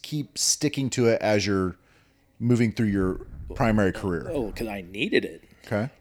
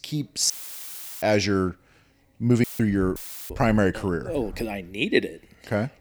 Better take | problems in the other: first | audio cutting out; filled with static; at 0.5 s for 0.5 s, at 2.5 s and at 3 s

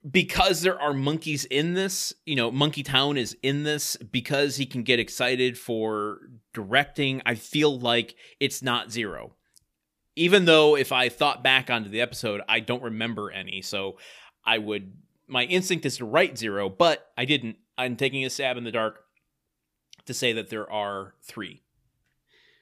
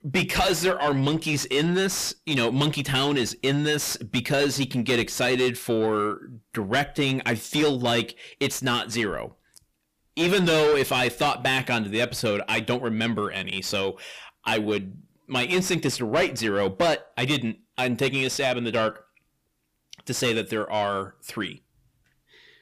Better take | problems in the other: first | distortion; heavy; 6 dB below the speech

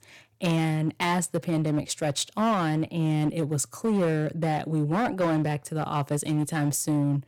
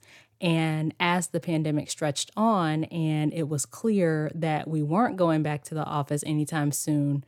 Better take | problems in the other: second | distortion; slight; 10% of the sound clipped

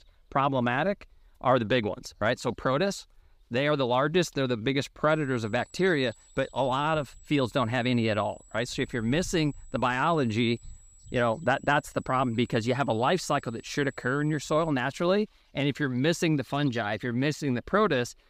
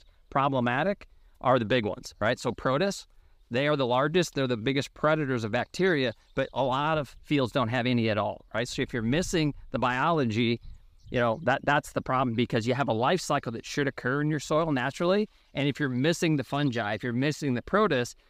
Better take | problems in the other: second | high-pitched whine; faint; from 5 to 15 s; 8 kHz, 30 dB below the speech

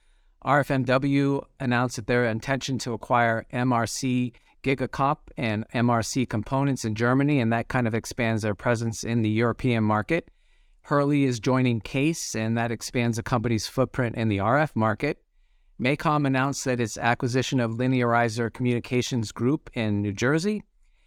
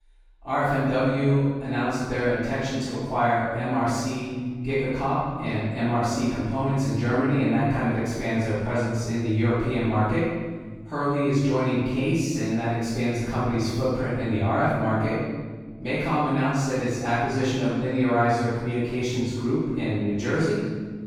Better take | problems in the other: first | off-mic speech; far // room echo; strong; dies away in 1.4 s

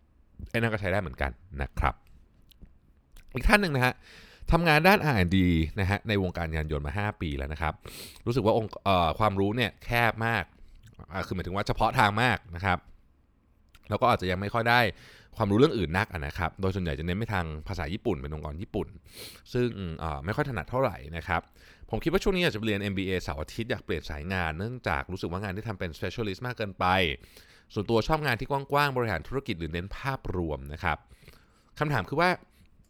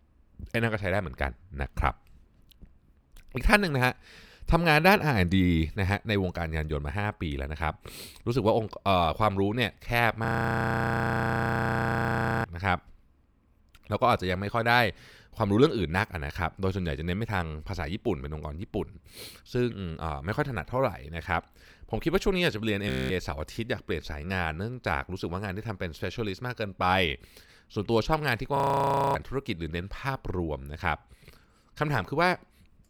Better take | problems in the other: first | audio freezing; at 10 s for 2 s, at 23 s and at 29 s for 0.5 s

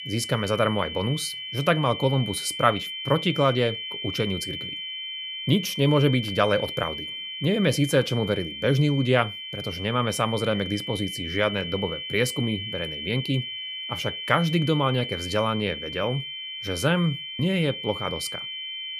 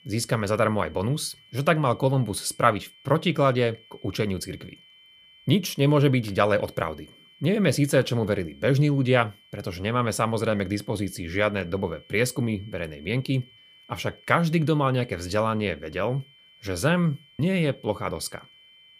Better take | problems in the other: second | high-pitched whine; loud; throughout; 3 kHz, 7 dB below the speech; faint in the second

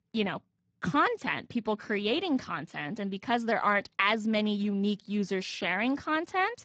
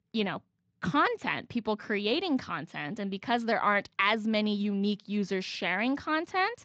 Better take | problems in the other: second | garbled, watery; badly; nothing above 7.5 kHz; slightly in the second

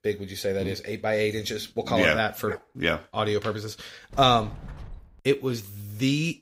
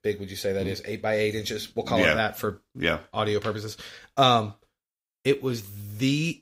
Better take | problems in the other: second | dog barking; faint; at 2.5 s; peak 10 dB below the speech // door banging; faint; from 4 to 5 s; peak 15 dB below the speech

